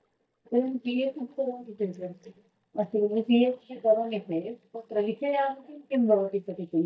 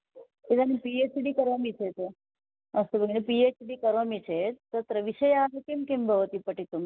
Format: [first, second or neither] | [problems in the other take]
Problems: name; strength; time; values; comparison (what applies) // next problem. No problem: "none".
second | noise reduction (neural mask model DeepFilterNet 3)